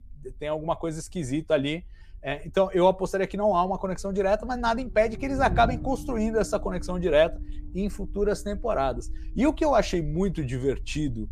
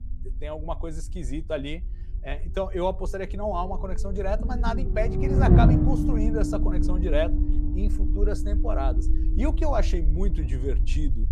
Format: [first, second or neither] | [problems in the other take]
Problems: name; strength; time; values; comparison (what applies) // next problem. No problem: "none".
first | low rumble; loud; throughout; 4 dB below the speech; faint in the first